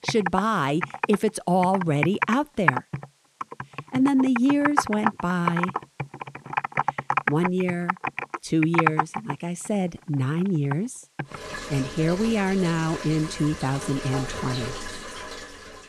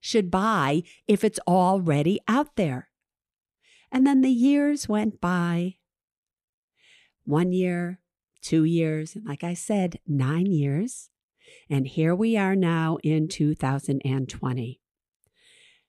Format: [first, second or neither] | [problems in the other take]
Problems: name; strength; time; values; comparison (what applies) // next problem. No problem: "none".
second | household noises; loud; throughout; 5 dB below the speech